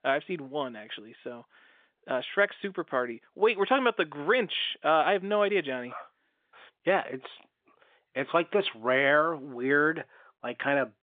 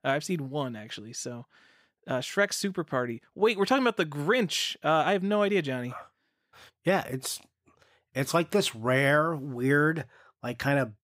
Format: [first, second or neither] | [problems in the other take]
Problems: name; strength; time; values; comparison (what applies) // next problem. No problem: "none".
second | phone-call audio; nothing above 3 kHz